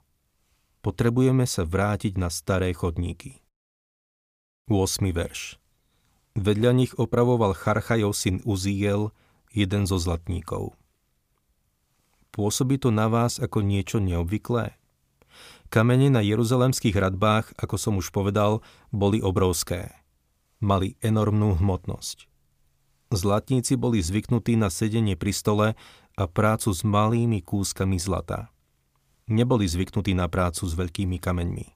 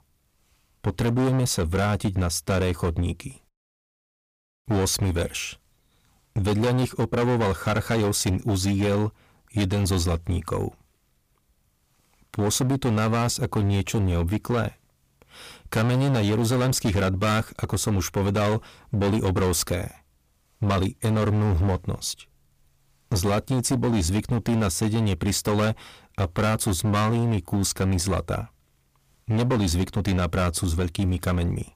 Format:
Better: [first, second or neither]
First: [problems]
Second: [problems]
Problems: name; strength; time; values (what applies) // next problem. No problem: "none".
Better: first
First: none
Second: distortion; heavy; 17% of the sound clipped